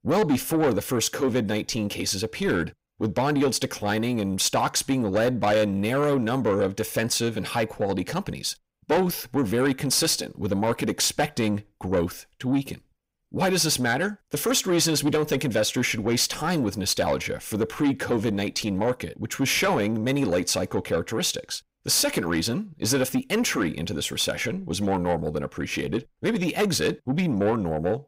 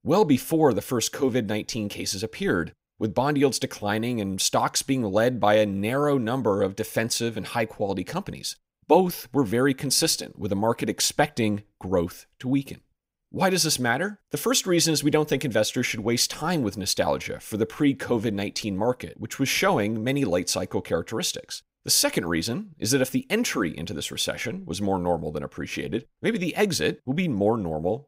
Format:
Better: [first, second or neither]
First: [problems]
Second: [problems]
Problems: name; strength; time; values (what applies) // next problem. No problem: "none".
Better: second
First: distortion; slight; 10 dB below the speech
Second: none